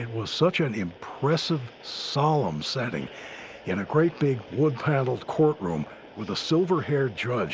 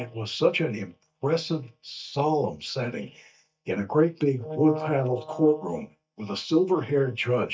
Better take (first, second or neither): first